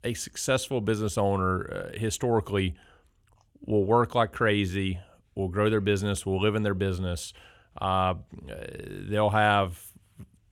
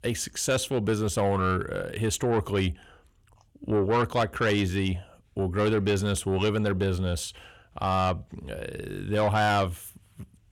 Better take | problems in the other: first | distortion; slight; 10 dB below the speech

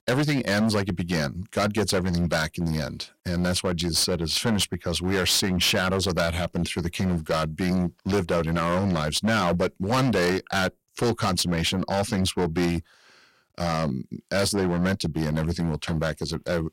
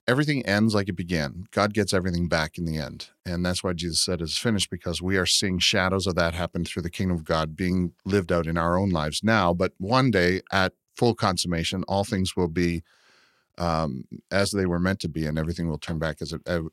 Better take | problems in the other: second | distortion; heavy; 13% of the sound clipped

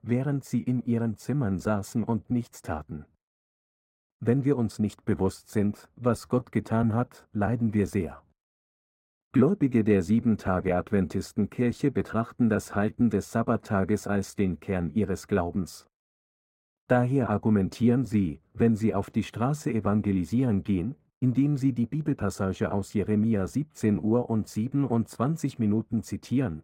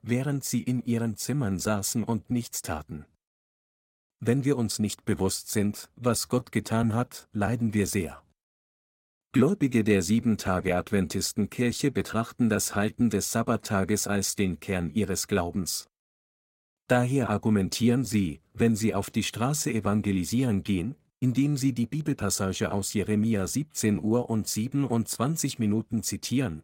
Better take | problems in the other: second | muffled; slightly; fading above 2.5 kHz

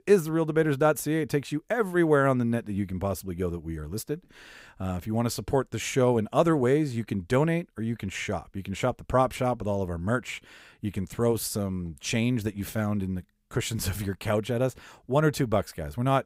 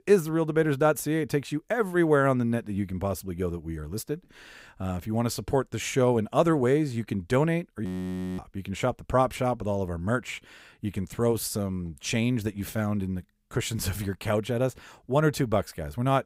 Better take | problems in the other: first | audio freezing; at 8 s for 0.5 s

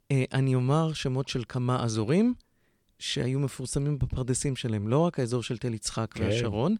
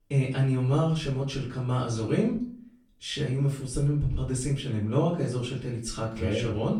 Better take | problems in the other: first | off-mic speech; far // room echo; slight; dies away in 0.4 s

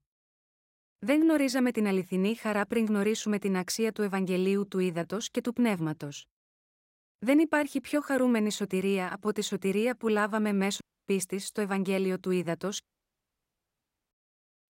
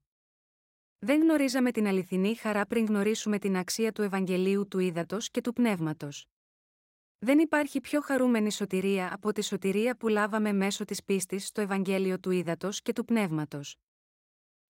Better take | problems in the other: second | audio cutting out; at 11 s and at 13 s for 1.5 s

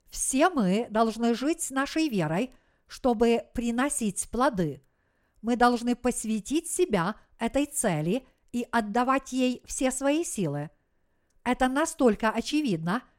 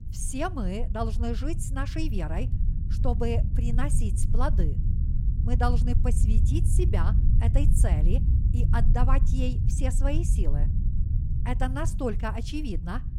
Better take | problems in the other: first | low rumble; loud; throughout; 8 dB below the speech

